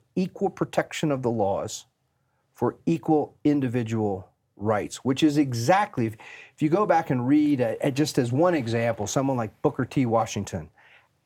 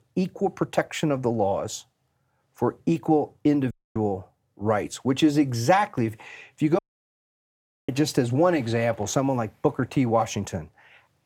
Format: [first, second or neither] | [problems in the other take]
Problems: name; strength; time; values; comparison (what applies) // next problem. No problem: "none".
first | audio cutting out; at 3.5 s and at 7 s for 1 s